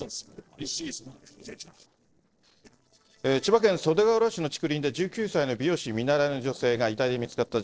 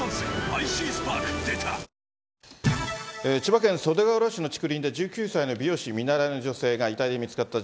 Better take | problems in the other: second | noise reduction (neural separator model SepFormer DNS4)

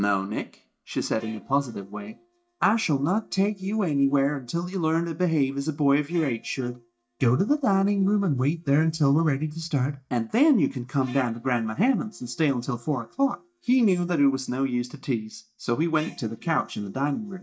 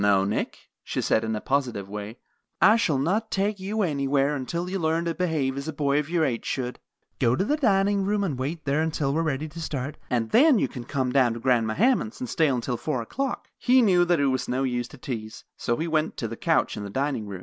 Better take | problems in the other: second | noise reduction (neural mask model DeepFilterNet 3)

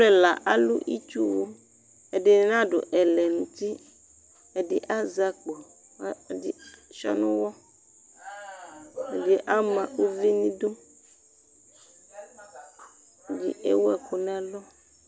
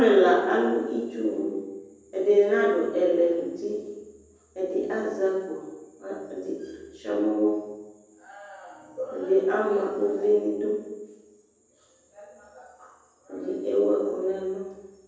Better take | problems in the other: first | room echo; dies away in 1.1 s

